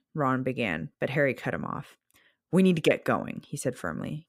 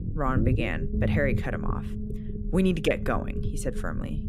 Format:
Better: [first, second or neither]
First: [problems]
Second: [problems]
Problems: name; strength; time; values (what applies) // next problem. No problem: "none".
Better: first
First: none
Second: low rumble; loud; throughout; 9 dB below the speech